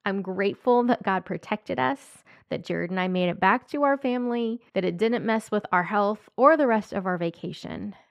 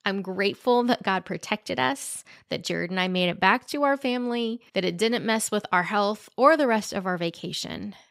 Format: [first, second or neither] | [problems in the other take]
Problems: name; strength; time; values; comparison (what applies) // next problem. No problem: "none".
second | muffled; slightly; fading above 3 kHz